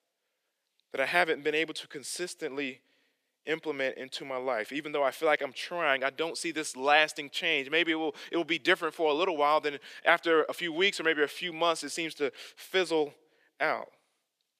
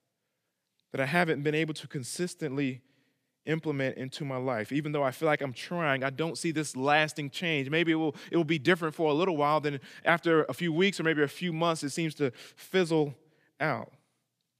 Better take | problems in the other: second | thin; somewhat; fading below 450 Hz

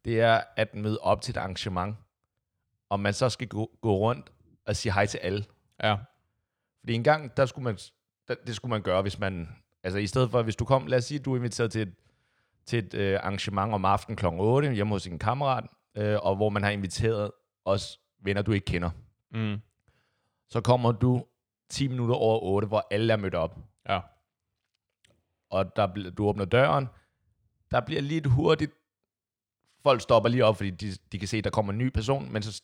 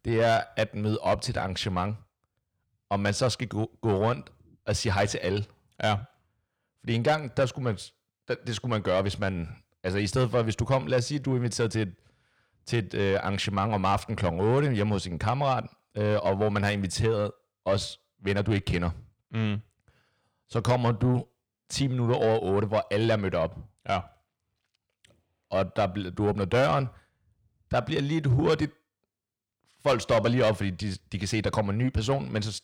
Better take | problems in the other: first | distortion; slight; 10 dB below the speech

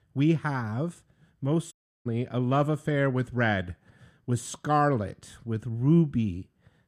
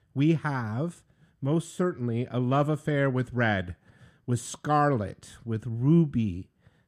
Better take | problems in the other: second | audio cutting out; at 1.5 s

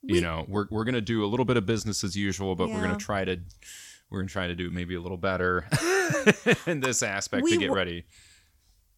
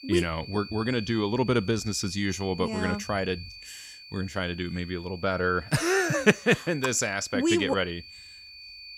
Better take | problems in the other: first | high-pitched whine; noticeable; throughout; 4.5 kHz, 15 dB below the speech

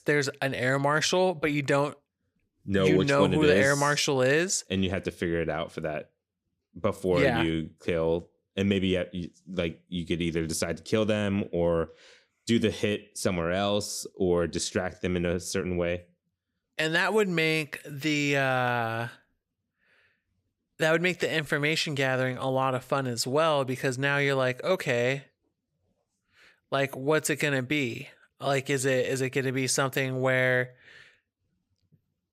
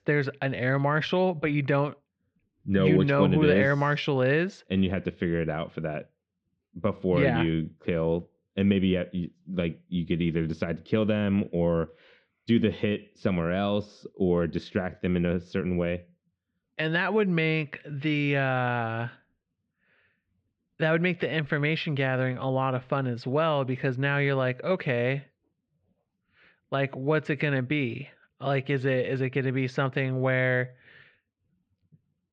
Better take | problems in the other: first | muffled; very; fading above 3.5 kHz

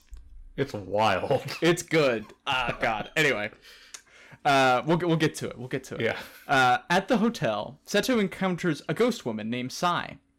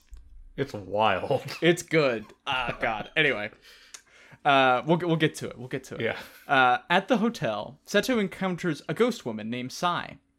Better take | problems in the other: second | distortion; slight; 3% of the sound clipped

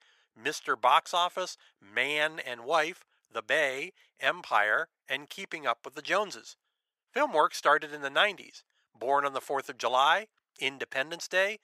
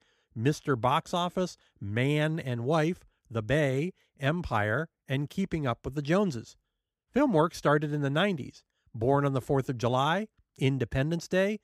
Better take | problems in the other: second | thin; very; fading below 800 Hz

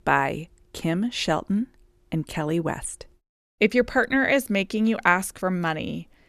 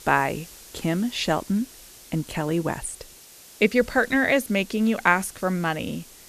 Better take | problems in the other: first | hiss; faint; throughout; 20 dB below the speech

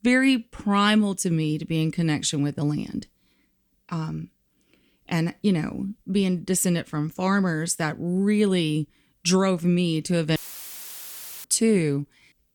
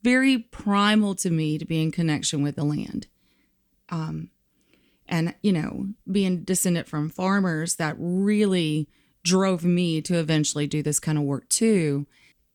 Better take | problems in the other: second | audio cutting out; filled with static; at 10 s for 1 s

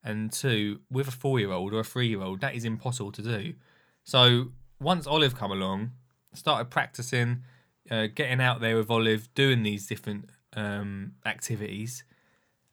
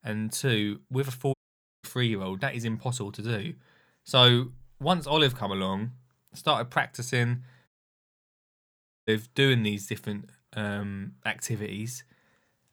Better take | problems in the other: first | audio cutting out; at 1.5 s and at 7.5 s for 1.5 s

